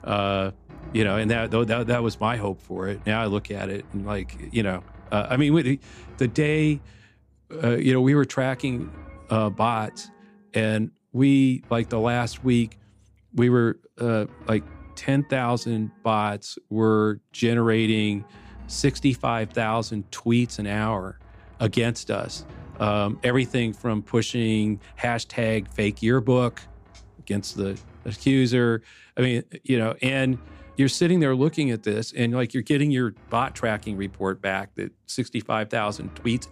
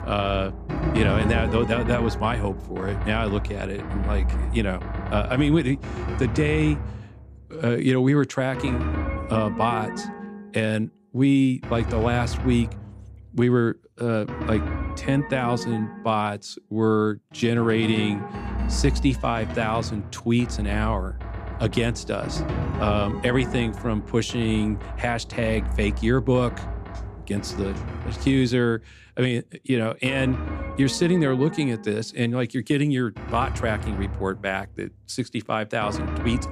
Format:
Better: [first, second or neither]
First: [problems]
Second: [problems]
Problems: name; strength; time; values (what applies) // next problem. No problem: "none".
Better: first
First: background music; faint; throughout; 20 dB below the speech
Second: background music; loud; throughout; 6 dB below the speech